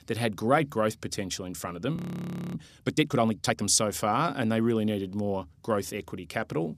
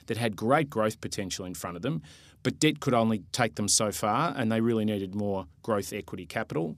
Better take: second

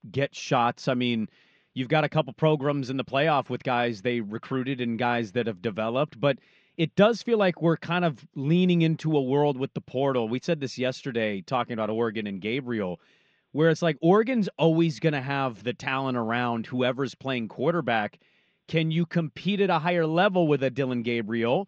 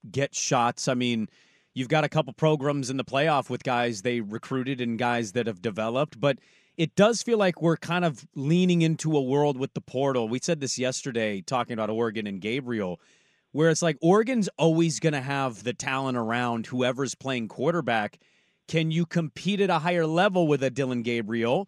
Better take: second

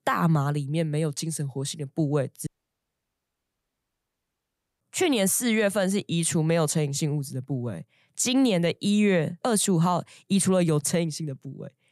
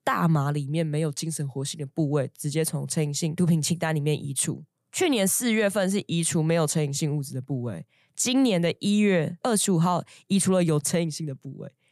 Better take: second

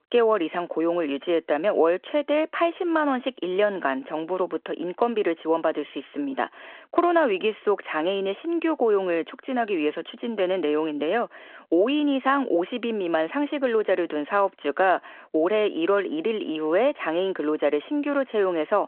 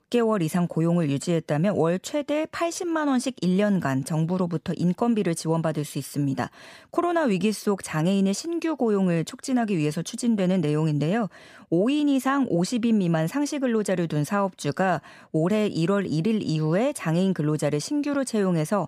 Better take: second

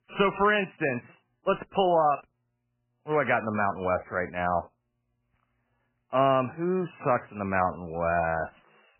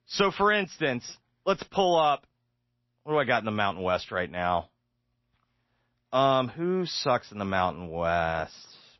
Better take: second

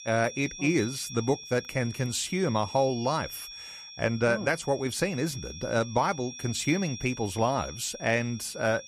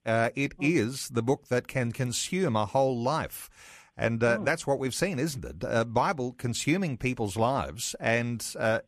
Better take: second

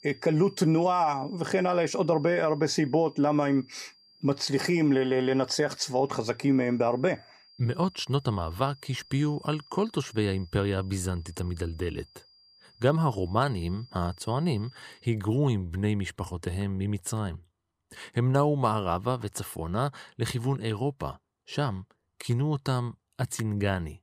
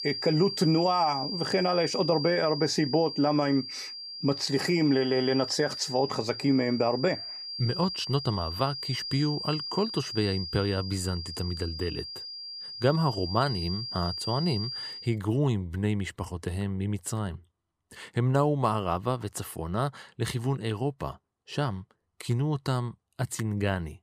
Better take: first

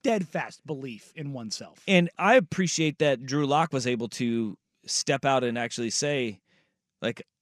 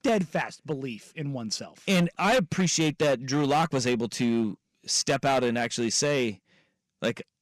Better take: first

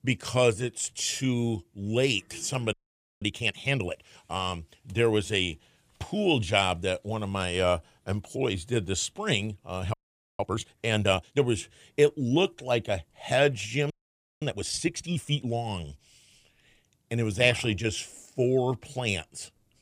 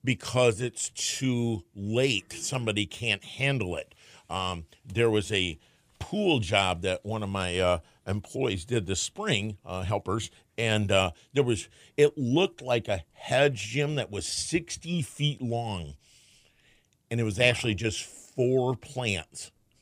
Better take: second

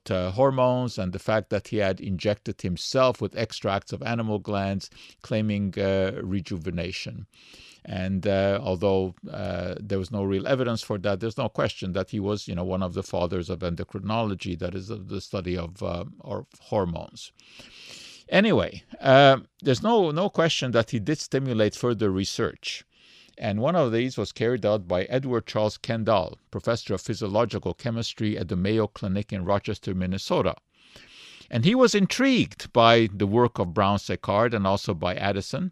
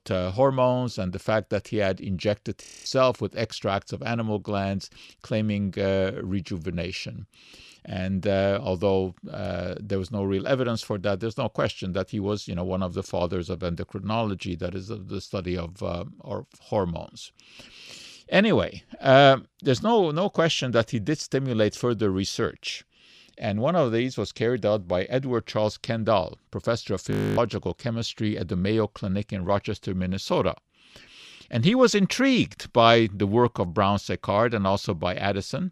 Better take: first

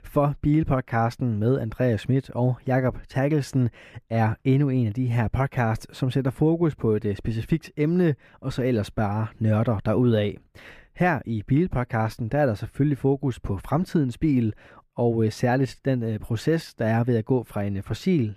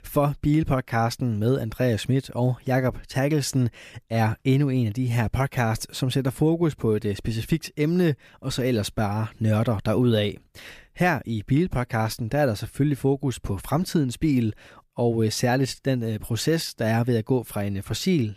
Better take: second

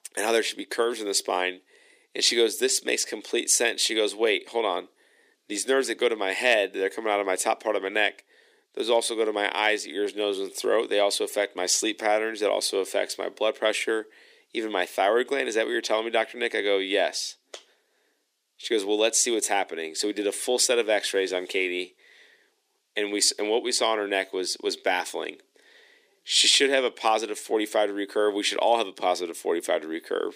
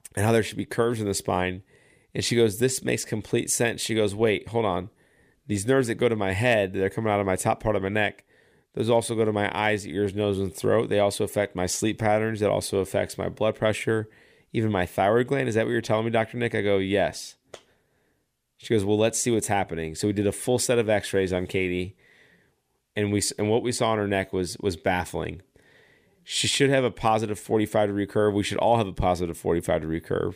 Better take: second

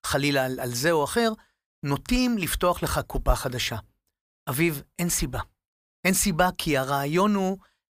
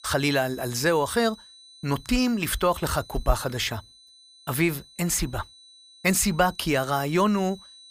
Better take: first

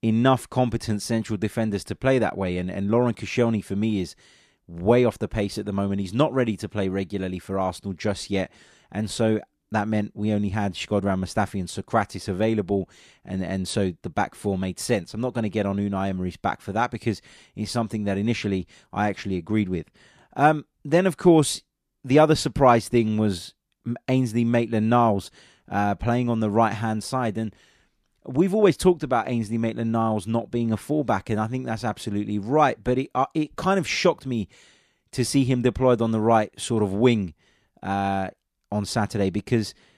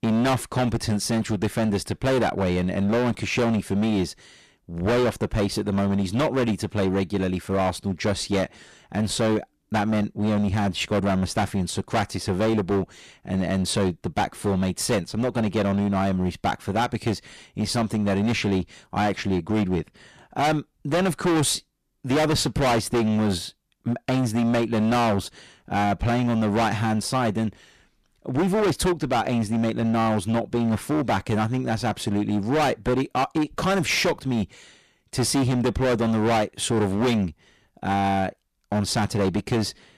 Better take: first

